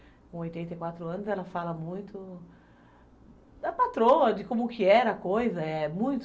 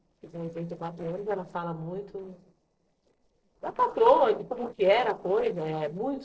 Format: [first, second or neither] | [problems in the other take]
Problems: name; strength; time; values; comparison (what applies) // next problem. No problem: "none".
first | noise reduction (neural separator model SepFormer DNS4)